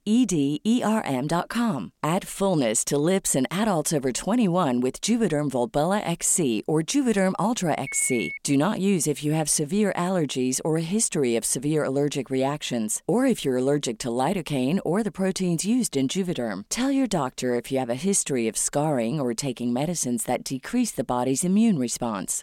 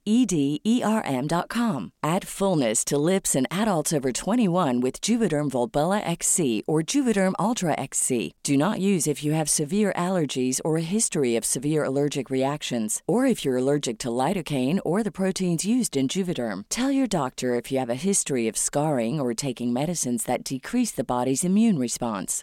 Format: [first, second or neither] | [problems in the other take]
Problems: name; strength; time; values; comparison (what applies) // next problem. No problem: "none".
second | phone ringing; noticeable; at 8 s; peak 6 dB below the speech